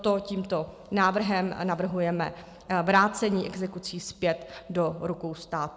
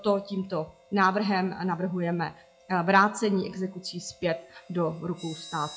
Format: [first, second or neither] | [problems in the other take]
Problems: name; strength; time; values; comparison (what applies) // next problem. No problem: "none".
first | noise reduction (classical method log-MMSE)